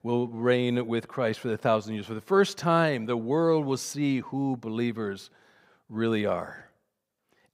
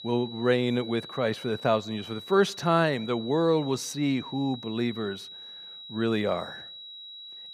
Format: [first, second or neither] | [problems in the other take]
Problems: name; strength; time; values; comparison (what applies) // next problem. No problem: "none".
first | high-pitched whine; noticeable; throughout; 4 kHz, 15 dB below the speech